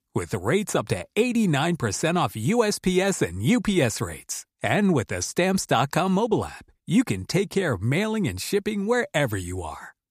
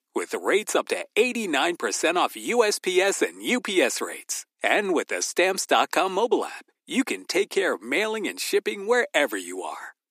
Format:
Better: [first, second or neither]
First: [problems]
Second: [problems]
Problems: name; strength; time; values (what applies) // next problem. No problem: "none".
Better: first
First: none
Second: thin; somewhat; fading below 300 Hz